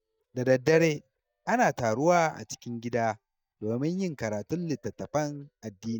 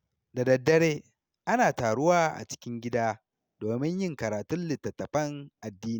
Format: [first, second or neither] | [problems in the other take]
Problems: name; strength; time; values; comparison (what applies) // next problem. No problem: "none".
second | noise reduction (neural mask model DeepFilterNet 3)